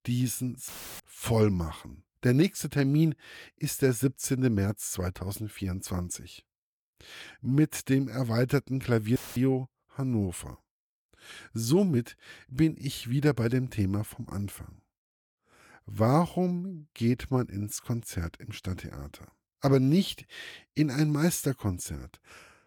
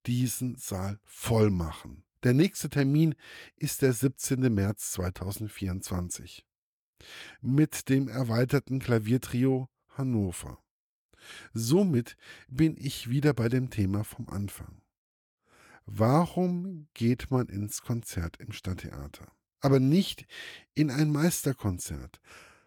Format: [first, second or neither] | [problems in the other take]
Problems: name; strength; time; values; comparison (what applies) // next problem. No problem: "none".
second | audio cutting out; filled with static; at 0.5 s and at 9 s